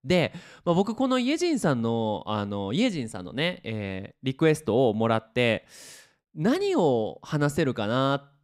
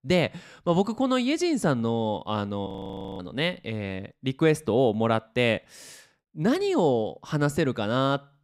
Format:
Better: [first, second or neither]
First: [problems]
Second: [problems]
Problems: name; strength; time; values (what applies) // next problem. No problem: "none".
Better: first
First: none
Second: audio freezing; at 2.5 s for 0.5 s